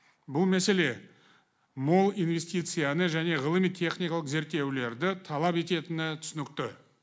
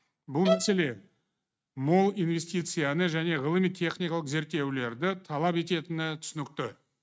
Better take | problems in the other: first | noise reduction (neural mask model RNNoise)

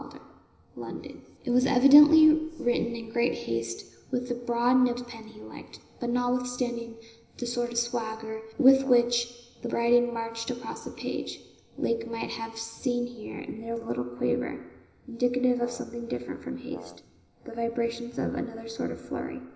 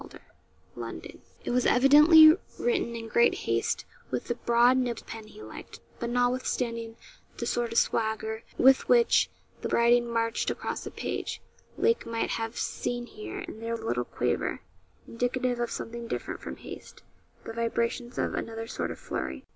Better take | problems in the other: second | background sound (Brass instrument); 20 dB below the speech // room echo; dies away in 0.9 s

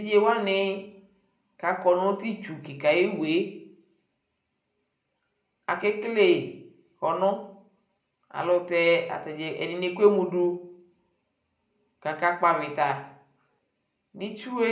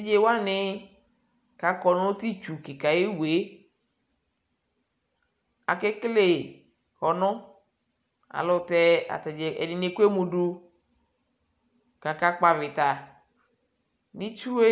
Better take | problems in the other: second | room echo; dies away in 0.5 s

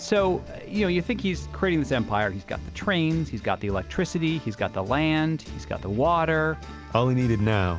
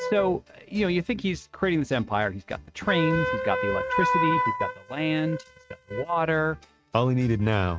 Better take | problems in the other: first | noise reduction (neural mask model RNNoise)

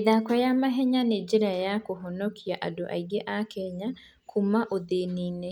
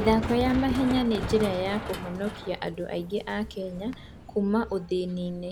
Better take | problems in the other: first | background sound (Fireworks + Run); 8 dB below the speech

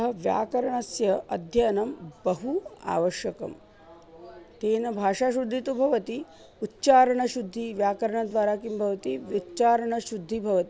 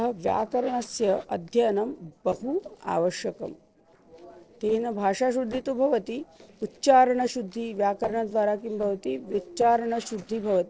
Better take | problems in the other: first | noise reduction (neural separator model SepFormer DNS4)

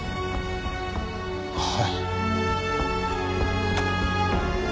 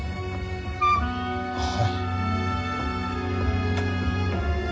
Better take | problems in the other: first | background sound (Wind instrument, woodwind instrument); 4 dB below the speech // room echo; dies away in 0.4 s

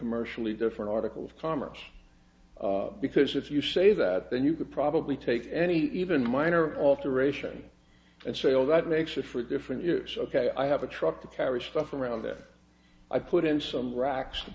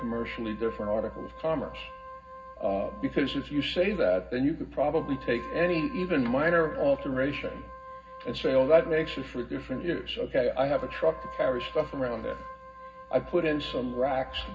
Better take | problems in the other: first | background sound (Wind instrument, woodwind instrument); 16 dB below the speech // room echo; dies away in 0.4 s

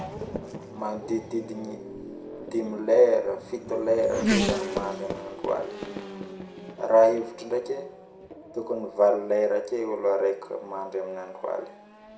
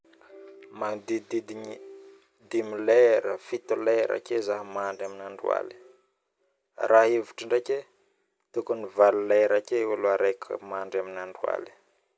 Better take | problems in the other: second | background sound (Race car, auto racing / Accelerating, revving, vroom); 9 dB below the speech // room echo; dies away in 0.4 s

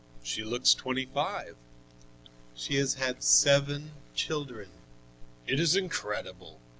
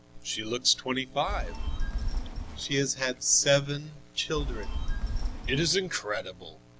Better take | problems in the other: first | background sound (Telephone); as loud as the speech

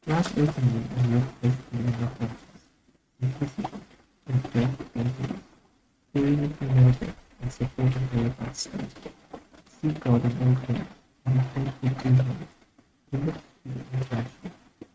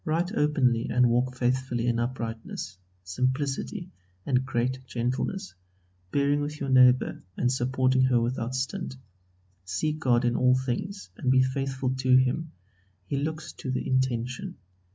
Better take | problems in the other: second | noise reduction (neural mask model RNNoise)

